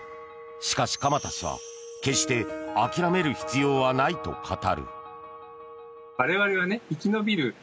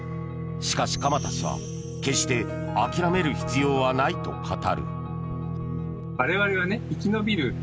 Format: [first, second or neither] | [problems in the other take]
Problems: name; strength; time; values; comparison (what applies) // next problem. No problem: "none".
first | background sound (Guitar); 5 dB below the speech